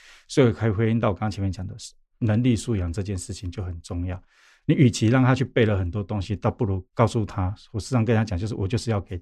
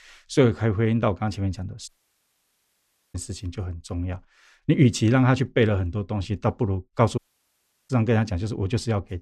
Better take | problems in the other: first | audio cutting out; at 2 s for 1.5 s and at 7 s for 0.5 s

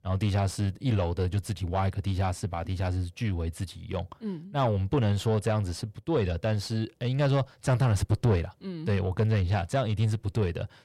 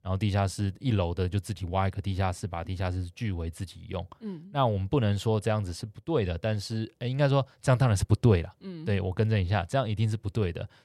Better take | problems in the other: second | distortion; slight; 10 dB below the speech

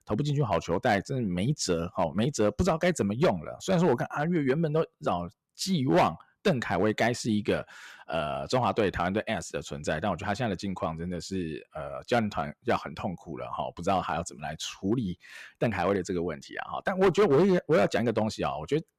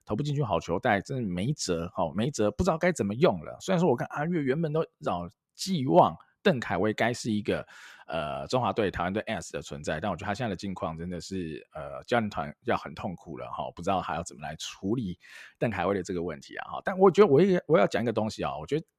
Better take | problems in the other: second | distortion; slight; 3% of the sound clipped

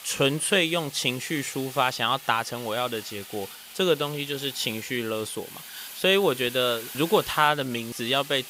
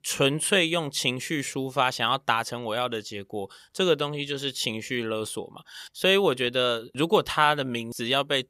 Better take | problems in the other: second | hiss; noticeable; throughout; 15 dB below the speech

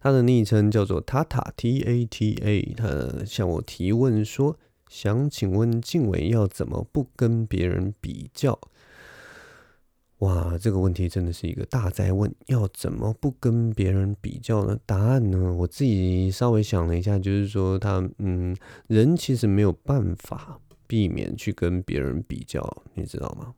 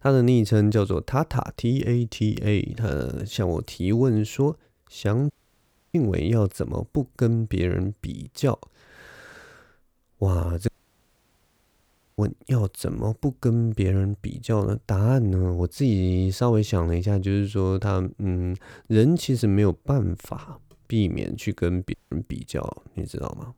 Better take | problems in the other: first | audio cutting out; at 5.5 s for 0.5 s, at 11 s for 1.5 s and at 22 s

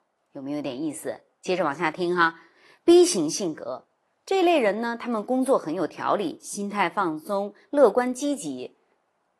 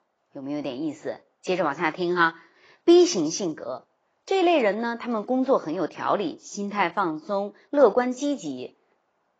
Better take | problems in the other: first | garbled, watery; badly; slightly in the first

